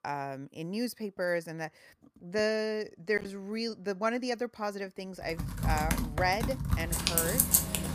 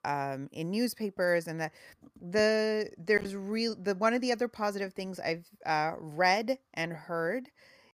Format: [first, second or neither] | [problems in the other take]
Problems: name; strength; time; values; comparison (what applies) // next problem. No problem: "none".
second | household noises; very loud; from 5.5 s on; 5 dB above the speech